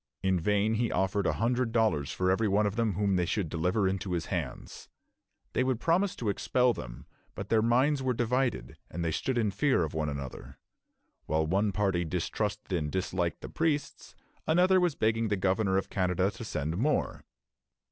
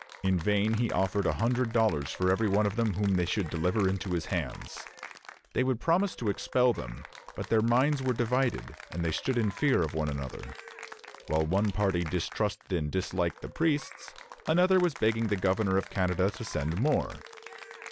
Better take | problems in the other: first | background sound (Applause / Cheering); 18 dB below the speech

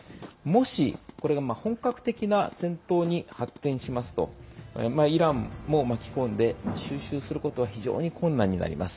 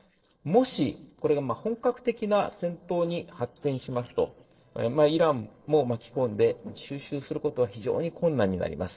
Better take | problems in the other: first | noise reduction (neural separator model SepFormer DNS4)

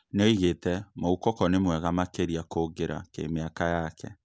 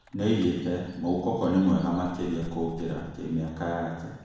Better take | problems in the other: first | background sound (Dog); 19 dB below the speech // room echo; dies away in 1.1 s

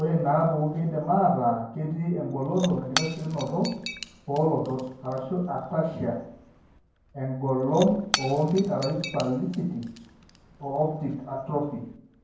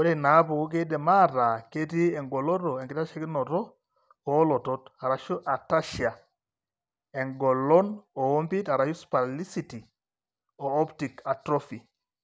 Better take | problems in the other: second | background sound (Shatter / Crushing); 13 dB below the speech // room echo; dies away in 0.9 s

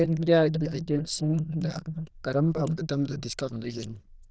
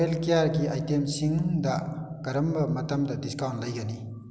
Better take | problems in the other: second | noise reduction (neural diffusion model UNIVERSE++)

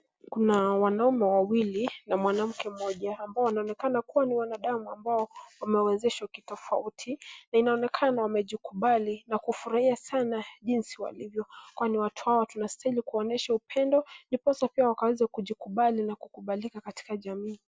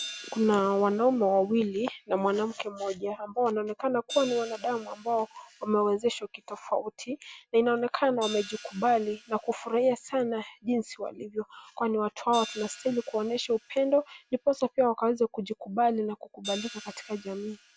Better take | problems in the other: first | background sound (Hi-hat); 19 dB below the speech

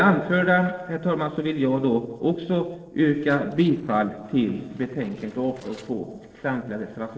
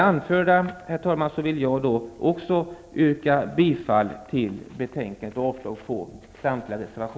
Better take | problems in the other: second | noise reduction (neural separator model SepFormer DNS4)

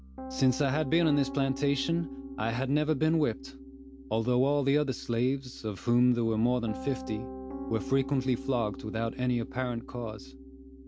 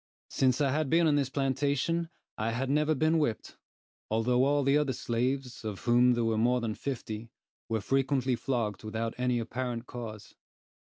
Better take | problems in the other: second | background sound (Piano); 12 dB below the speech

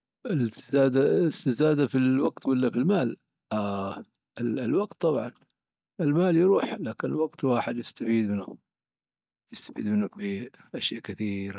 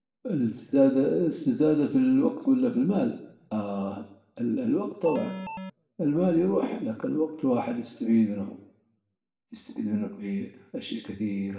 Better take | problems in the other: first | background sound (Alarm); 8 dB below the speech // room echo; dies away in 0.7 s

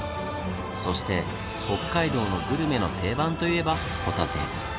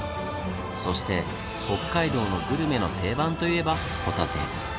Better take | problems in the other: second | background sound (Bowed string instrument); 18 dB below the speech

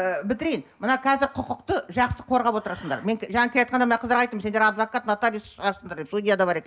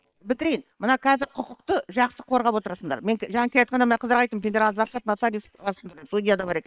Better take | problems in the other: first | noise reduction (neural separator model SepFormer WHAM!)

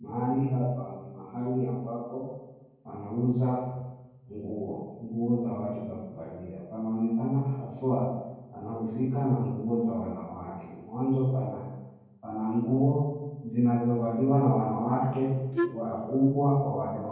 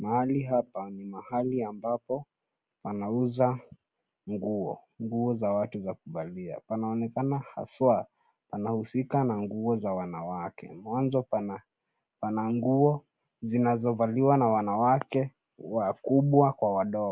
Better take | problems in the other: second | background sound (Wind instrument, woodwind instrument); 2 dB below the speech // room echo; dies away in 1.3 s

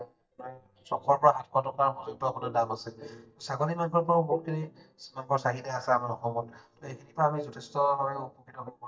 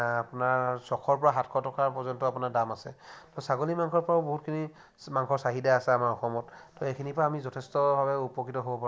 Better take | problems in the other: second | noise reduction (neural mask model DeepFilterNet 3)

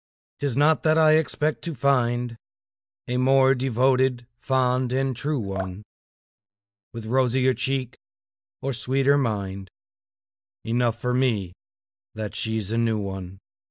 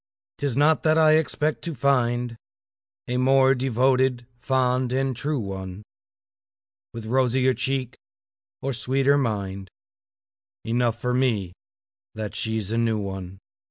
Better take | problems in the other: second | noise reduction (neural mask model DeepFilterNet 3)

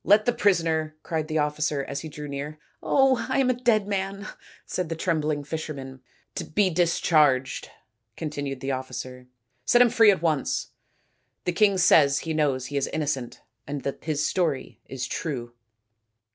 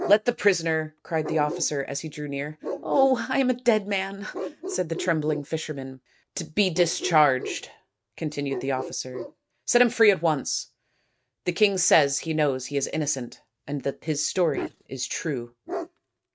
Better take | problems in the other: first | noise reduction (neural mask model RNNoise)

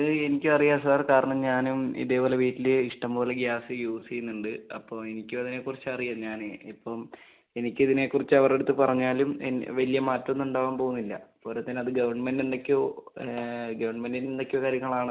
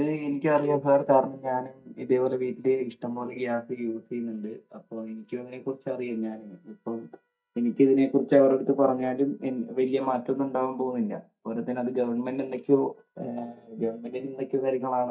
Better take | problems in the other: first | noise reduction (neural mask model DeepFilterNet 3)

